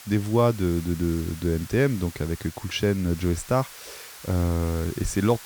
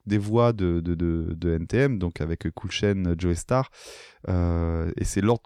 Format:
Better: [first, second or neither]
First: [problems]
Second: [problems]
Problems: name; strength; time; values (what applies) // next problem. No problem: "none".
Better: second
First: hiss; noticeable; throughout; 15 dB below the speech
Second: none